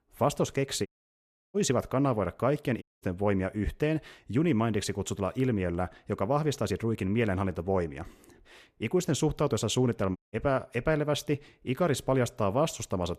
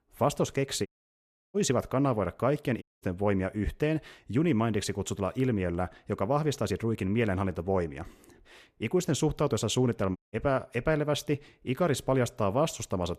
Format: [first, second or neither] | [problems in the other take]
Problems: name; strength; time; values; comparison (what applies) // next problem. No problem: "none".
neither | audio cutting out; at 1 s for 0.5 s, at 3 s and at 10 s; the same in both